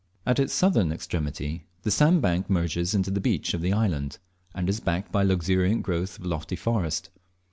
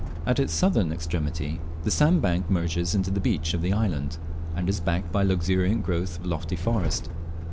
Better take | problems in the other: first | background sound (Truck); 4 dB below the speech

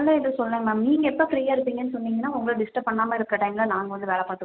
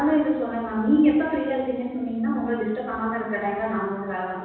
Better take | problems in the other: first | room echo; dies away in 1.1 s

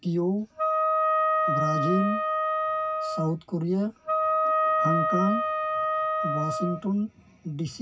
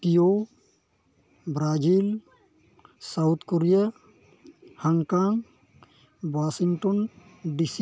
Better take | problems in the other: second | background sound (Wind instrument, woodwind instrument); 4 dB above the speech // room echo; dies away in 0.4 s

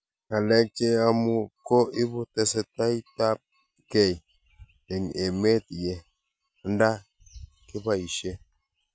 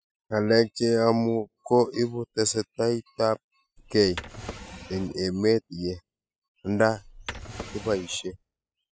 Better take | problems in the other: first | noise reduction (classical method spectral subtraction)

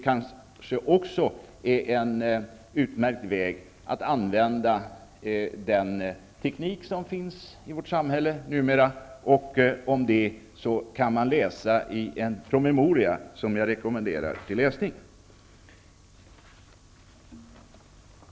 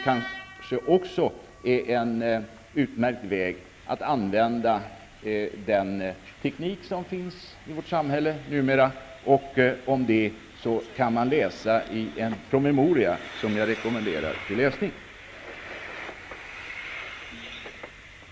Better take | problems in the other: first | background sound (Train); 16 dB below the speech

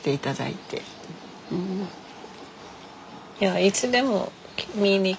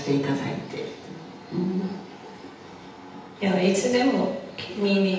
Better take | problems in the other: first | room echo; dies away in 0.9 s

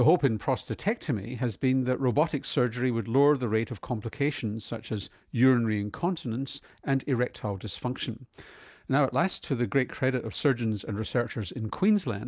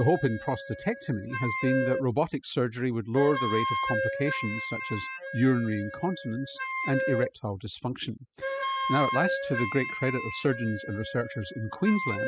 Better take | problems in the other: first | noise reduction (classical method spectral subtraction)

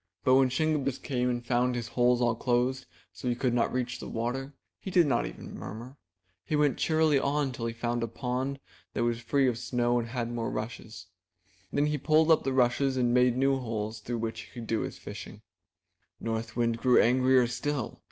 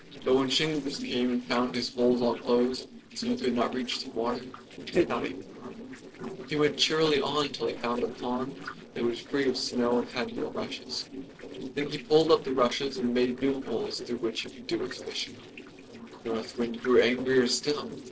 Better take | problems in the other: first | noise reduction (neural separator model SepFormer DNS4)

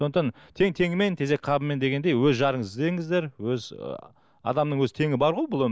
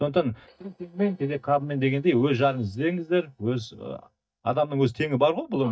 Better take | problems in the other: first | noise reduction (neural mask model DeepFilterNet 3)

